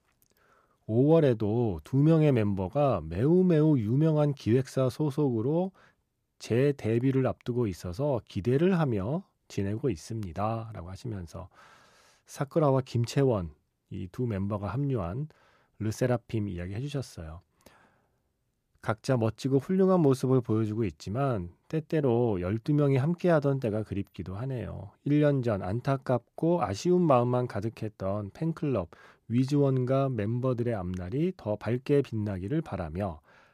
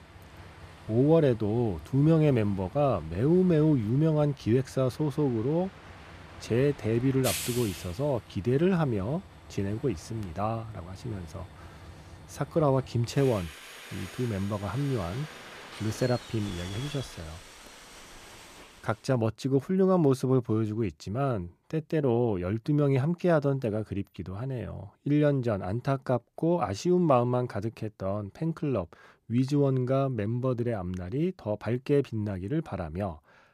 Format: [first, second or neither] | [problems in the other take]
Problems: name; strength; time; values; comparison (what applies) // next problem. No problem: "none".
first | train or aircraft noise; noticeable; until 19 s; 15 dB below the speech